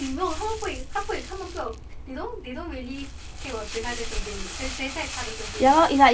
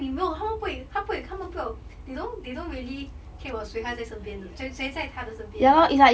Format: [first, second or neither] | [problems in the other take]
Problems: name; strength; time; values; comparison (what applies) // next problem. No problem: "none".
second | background sound (Crumpling, crinkling); 10 dB below the speech